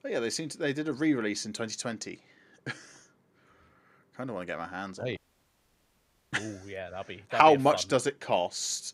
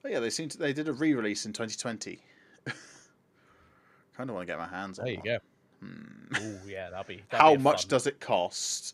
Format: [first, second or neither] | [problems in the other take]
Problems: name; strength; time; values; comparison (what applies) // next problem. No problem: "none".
second | audio cutting out; at 5 s for 1 s